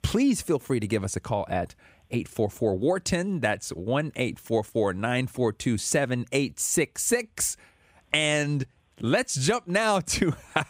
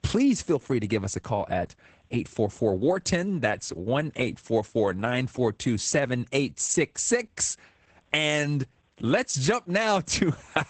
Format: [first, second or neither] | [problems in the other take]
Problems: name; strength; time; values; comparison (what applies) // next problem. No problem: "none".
first | garbled, watery; badly; nothing above 8 kHz